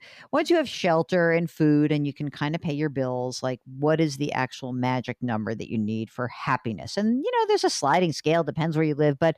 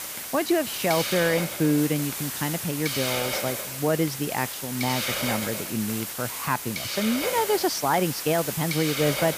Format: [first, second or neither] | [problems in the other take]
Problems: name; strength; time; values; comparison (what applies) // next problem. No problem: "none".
first | hiss; loud; throughout; 3 dB below the speech